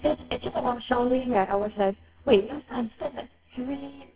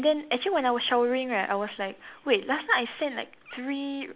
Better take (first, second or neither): second